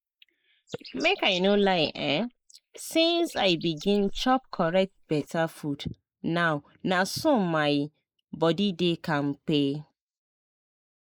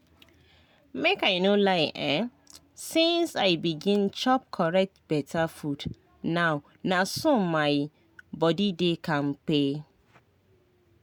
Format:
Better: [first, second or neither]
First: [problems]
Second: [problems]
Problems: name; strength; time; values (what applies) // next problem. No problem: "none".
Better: second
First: noise reduction (neural mask model Resemble Enhance denoiser)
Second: none